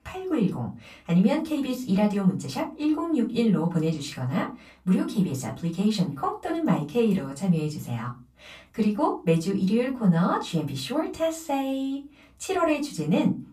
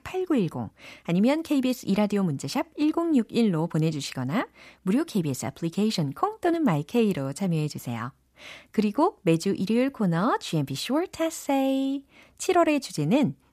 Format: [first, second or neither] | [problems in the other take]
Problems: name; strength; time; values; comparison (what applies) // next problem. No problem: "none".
second | off-mic speech; far // room echo; very slight; dies away in 0.2 s